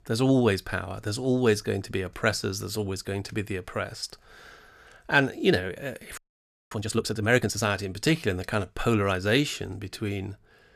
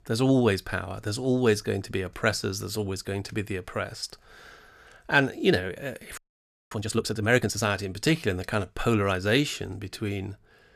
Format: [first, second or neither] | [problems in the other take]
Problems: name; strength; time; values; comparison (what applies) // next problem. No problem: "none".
neither | audio freezing; at 6 s for 0.5 s; the same in both